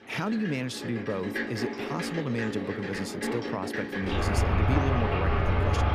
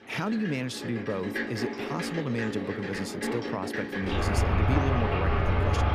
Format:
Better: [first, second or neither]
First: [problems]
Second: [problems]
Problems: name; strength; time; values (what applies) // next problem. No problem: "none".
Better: neither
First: rain or running water; very loud; throughout; 3 dB above the speech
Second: rain or running water; very loud; throughout; 3 dB above the speech